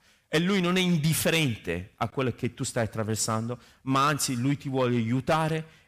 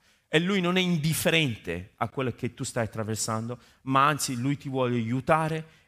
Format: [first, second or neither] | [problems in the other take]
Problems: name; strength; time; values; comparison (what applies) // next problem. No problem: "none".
second | distortion; slight; 5% of the sound clipped